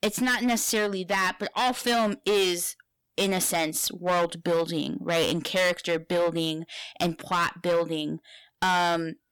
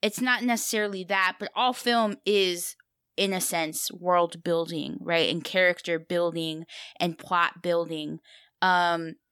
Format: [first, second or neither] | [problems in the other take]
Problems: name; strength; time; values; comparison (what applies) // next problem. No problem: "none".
second | distortion; heavy; 12% of the sound clipped